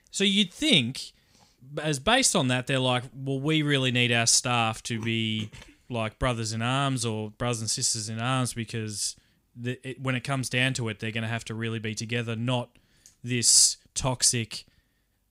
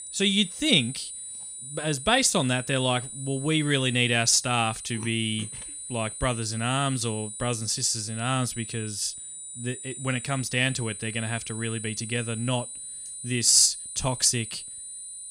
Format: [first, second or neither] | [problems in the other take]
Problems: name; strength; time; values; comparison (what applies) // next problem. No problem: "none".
first | high-pitched whine; noticeable; throughout; 9.5 kHz, 10 dB below the speech